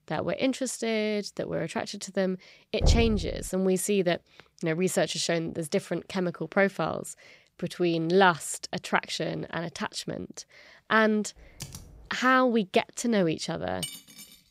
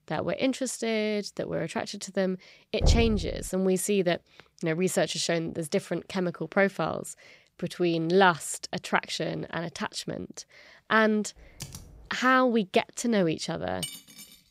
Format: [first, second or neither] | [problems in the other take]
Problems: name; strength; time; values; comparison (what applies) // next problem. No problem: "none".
neither | door banging; loud; at 3 s; peak 1 dB above the speech; the same in both // keyboard typing; faint; at 11 s; peak 15 dB below the speech; the same in both // clattering dishes; noticeable; at 14 s; peak 9 dB below the speech; the same in both